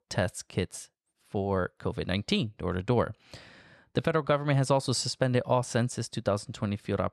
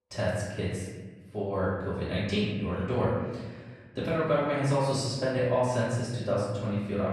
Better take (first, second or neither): first